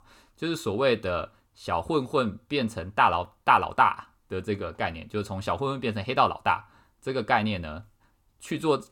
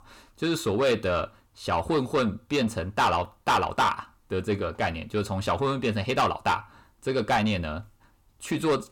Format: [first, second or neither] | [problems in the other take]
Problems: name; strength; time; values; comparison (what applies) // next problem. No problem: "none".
first | distortion; heavy; 7 dB below the speech